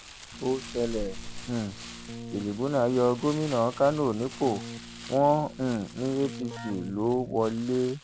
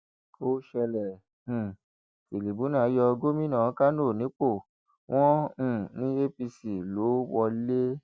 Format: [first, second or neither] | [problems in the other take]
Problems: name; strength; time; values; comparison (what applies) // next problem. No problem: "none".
second | background sound (Keyboard (musical) + Crumpling, crinkling); 13 dB below the speech